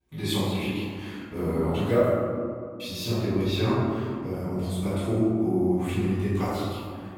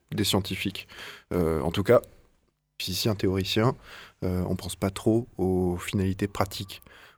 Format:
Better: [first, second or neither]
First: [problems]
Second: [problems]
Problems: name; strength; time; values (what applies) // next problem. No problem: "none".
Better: second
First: off-mic speech; far // room echo; strong; dies away in 2.1 s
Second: none